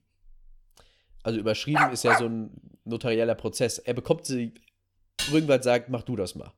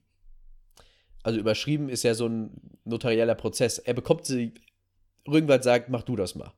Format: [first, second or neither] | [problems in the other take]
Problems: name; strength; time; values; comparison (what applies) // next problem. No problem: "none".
second | dog barking; loud; at 2 s; peak 6 dB above the speech // clattering dishes; noticeable; at 5 s; peak 4 dB below the speech